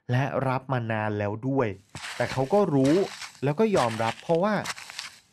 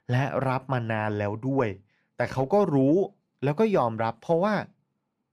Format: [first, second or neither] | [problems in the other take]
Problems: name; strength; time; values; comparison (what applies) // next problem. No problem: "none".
second | footsteps; noticeable; from 2 s on; peak 7 dB below the speech